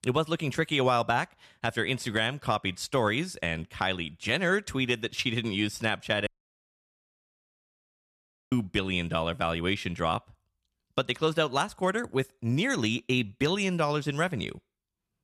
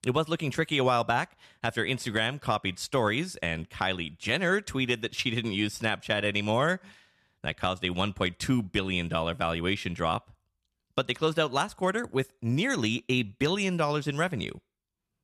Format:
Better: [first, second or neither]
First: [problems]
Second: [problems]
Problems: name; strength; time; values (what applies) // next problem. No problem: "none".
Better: second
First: audio cutting out; at 6.5 s for 2.5 s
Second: none